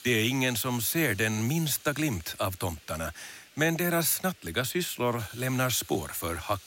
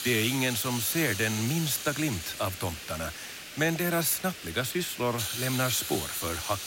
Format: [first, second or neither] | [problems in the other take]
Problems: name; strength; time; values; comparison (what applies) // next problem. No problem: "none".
first | hiss; loud; throughout; 6 dB below the speech; faint in the first